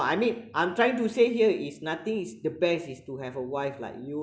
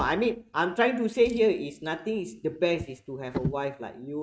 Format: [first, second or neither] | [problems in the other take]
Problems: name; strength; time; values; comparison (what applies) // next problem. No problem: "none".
first | noise reduction (neural mask model RNNoise)